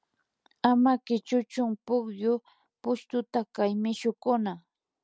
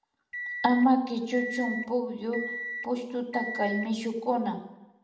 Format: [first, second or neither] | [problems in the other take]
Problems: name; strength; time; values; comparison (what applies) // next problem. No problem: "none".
first | background sound (Microwave oven); 9 dB below the speech // room echo; dies away in 0.8 s